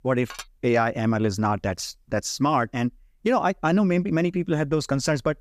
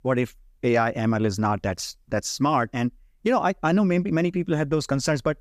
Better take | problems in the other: second | clattering dishes; faint; at 0.5 s; peak 15 dB below the speech

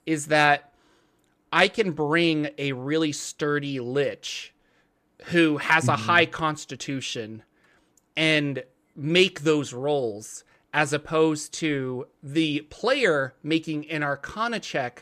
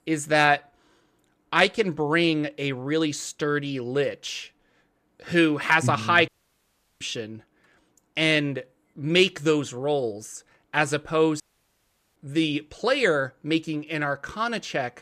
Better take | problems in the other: first | audio cutting out; at 6.5 s for 0.5 s and at 11 s for 1 s

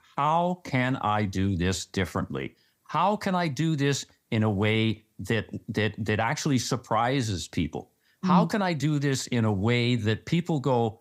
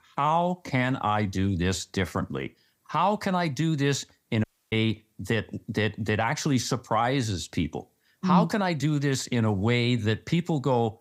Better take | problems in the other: first | audio cutting out; at 4.5 s

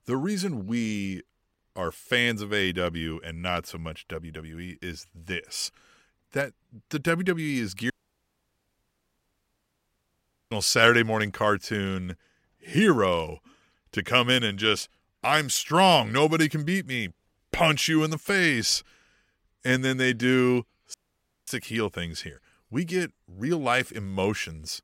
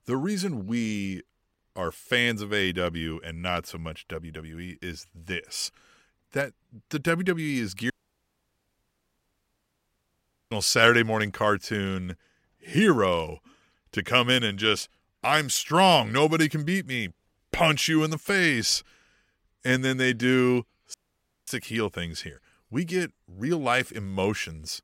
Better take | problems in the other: neither | audio cutting out; at 8 s for 2.5 s and at 21 s for 0.5 s; the same in both

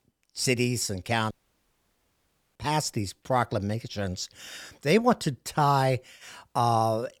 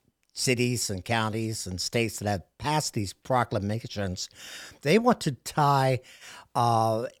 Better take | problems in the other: second | audio cutting out; at 1.5 s for 1.5 s

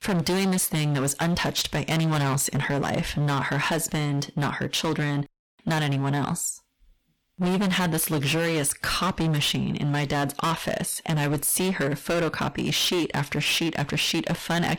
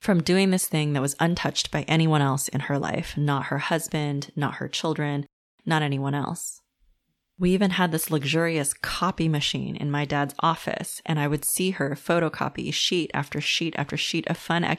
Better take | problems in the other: second | distortion; heavy; 25% of the sound clipped

